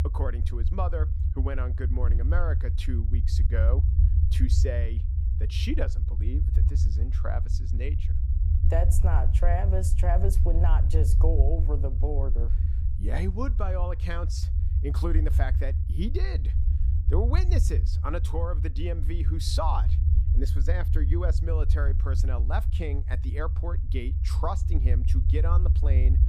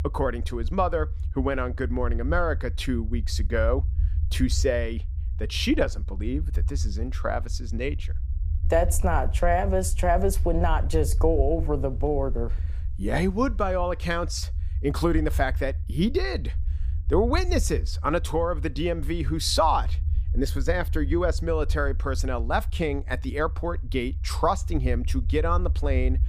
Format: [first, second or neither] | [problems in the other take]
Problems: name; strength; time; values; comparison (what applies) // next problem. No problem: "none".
second | low rumble; loud; throughout; 8 dB below the speech; faint in the second